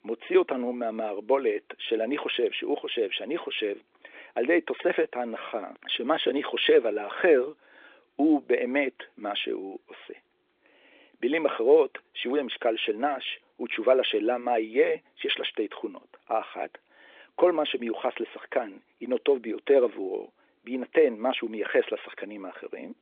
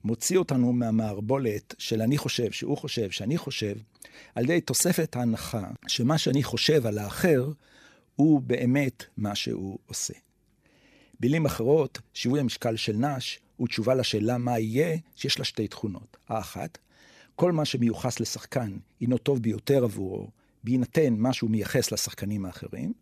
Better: second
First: phone-call audio; nothing above 3.5 kHz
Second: none

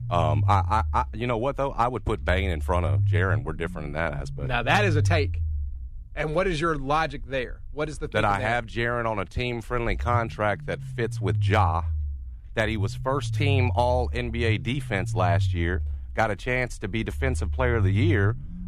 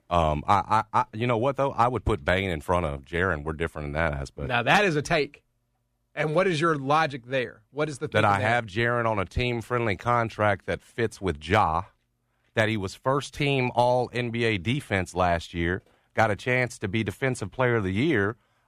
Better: second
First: low rumble; noticeable; throughout; 15 dB below the speech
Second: none

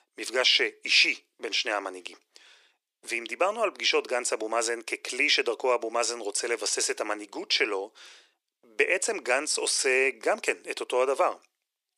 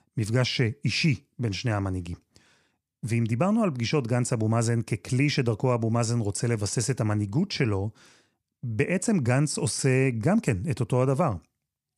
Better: second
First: thin; very; fading below 350 Hz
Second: none

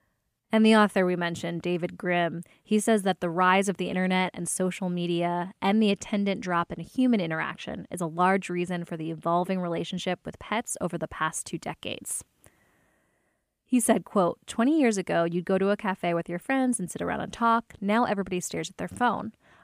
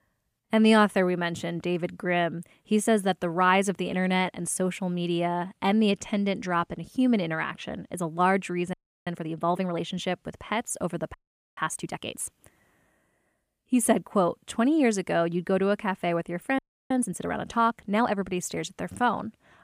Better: first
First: none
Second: audio freezing; at 8.5 s, at 11 s and at 17 s

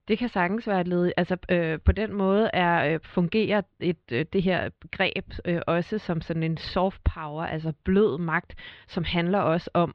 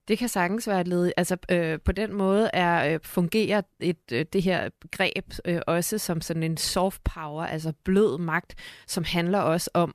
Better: second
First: muffled; slightly; fading above 3.5 kHz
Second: none

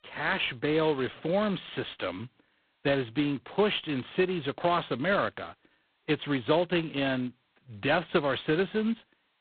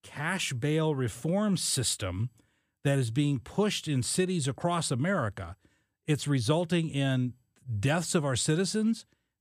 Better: second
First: phone-call audio; poor line; nothing above 4 kHz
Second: none

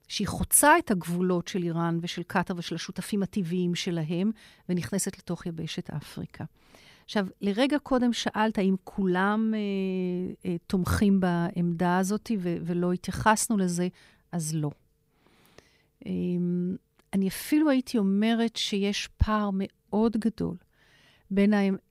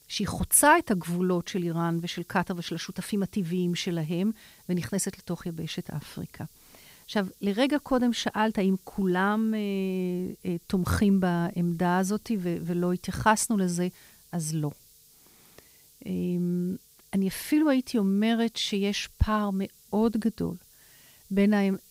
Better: first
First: none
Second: hiss; faint; throughout; 25 dB below the speech

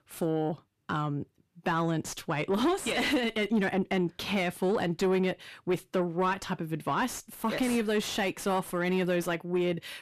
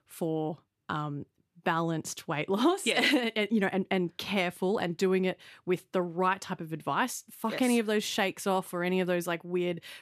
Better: second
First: distortion; slight; 10 dB below the speech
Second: none

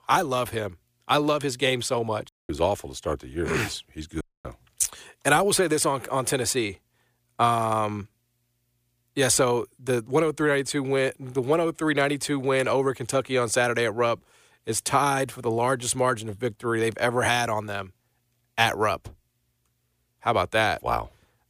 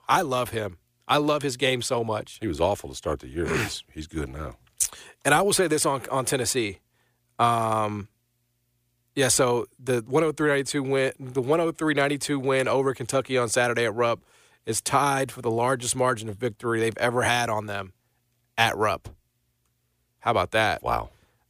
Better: second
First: audio cutting out; at 2.5 s and at 4 s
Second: none

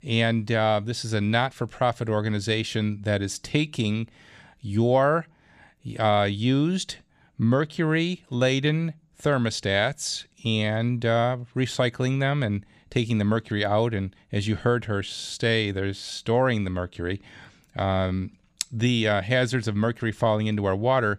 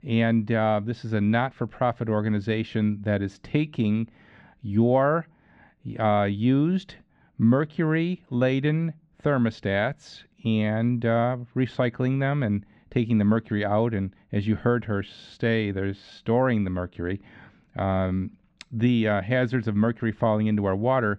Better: first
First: none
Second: muffled; very; fading above 2 kHz

